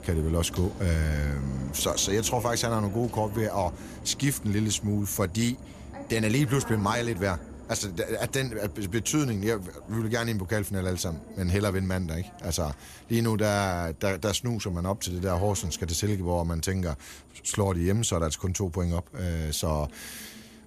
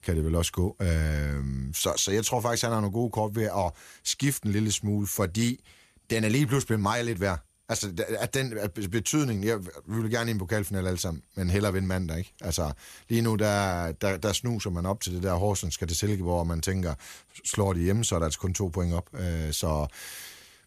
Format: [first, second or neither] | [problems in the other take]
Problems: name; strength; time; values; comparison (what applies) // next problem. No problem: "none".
second | animal sounds; noticeable; throughout; 15 dB below the speech